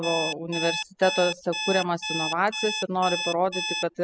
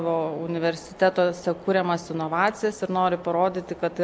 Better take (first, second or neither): second